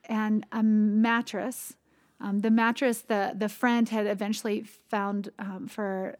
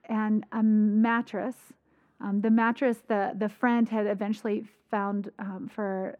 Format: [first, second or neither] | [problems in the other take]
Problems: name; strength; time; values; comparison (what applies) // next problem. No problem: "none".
first | muffled; slightly; fading above 3 kHz